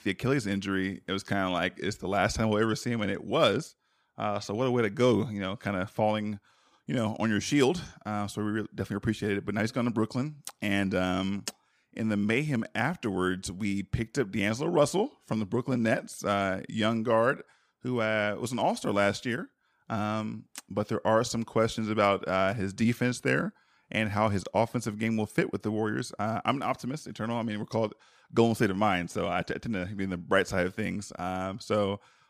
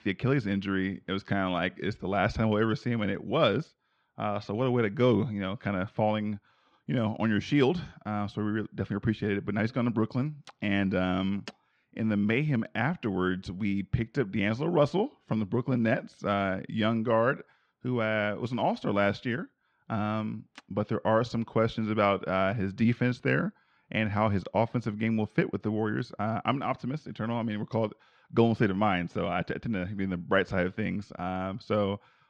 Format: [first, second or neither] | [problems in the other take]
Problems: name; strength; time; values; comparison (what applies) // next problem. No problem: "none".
first | muffled; slightly; fading above 4 kHz